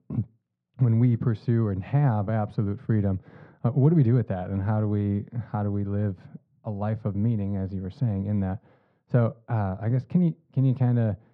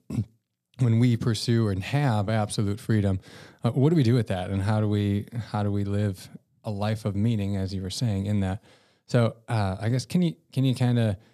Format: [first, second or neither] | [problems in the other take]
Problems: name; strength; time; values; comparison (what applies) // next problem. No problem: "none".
second | muffled; very; fading above 1 kHz